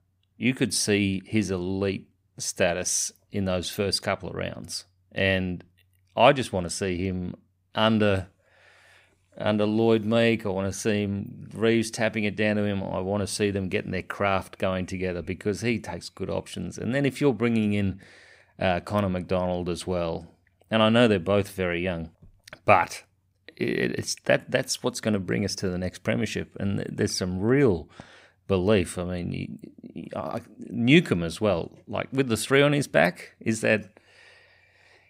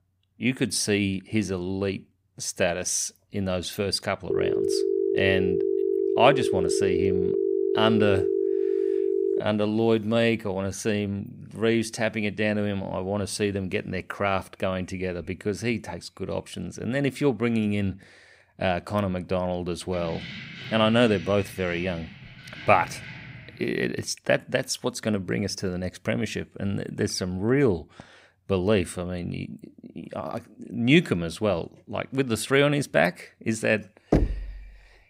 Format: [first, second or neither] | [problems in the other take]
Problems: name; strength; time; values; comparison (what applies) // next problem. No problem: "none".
first | phone ringing; loud; from 4.5 to 9.5 s; peak 2 dB above the speech // jangling keys; faint; from 20 to 24 s; peak 10 dB below the speech // door banging; loud; at 34 s; peak 1 dB above the speech